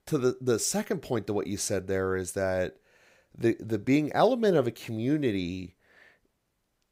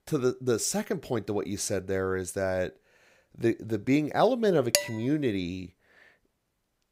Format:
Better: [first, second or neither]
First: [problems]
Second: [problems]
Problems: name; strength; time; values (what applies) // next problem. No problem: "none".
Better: first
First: none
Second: clattering dishes; loud; at 4.5 s; peak 2 dB above the speech